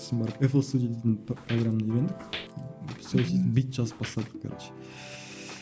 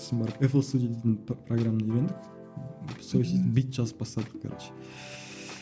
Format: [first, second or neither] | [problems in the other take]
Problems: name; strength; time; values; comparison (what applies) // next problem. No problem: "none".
second | background sound (Walk, footsteps); 17 dB below the speech